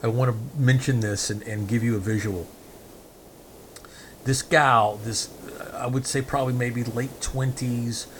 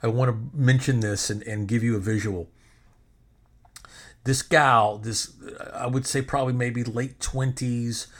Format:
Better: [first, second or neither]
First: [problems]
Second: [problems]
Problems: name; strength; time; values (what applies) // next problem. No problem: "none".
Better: second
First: hiss; noticeable; throughout; 20 dB below the speech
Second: none